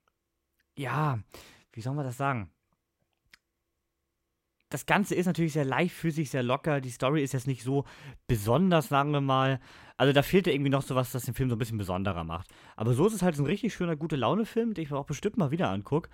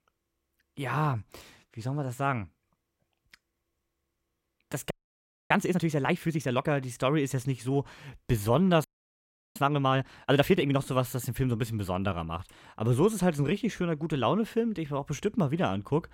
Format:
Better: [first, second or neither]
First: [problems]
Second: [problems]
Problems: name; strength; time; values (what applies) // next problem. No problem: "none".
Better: first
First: none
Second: audio freezing; at 5 s for 0.5 s and at 9 s for 0.5 s